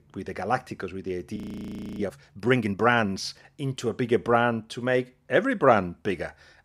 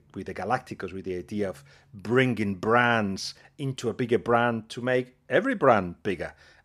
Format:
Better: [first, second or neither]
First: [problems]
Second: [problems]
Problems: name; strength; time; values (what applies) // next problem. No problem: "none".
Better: second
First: audio freezing; at 1.5 s for 0.5 s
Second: none